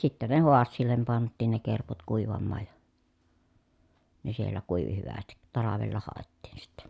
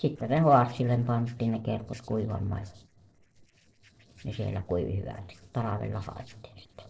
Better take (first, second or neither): first